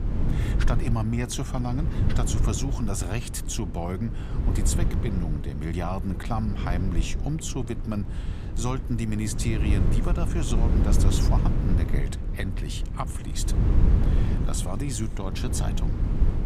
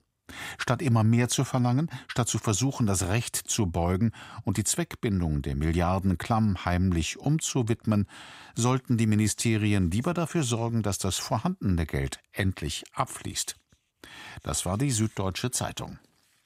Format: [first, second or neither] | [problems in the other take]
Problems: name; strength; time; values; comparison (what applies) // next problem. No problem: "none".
second | wind noise on the microphone; heavy; 5 dB below the speech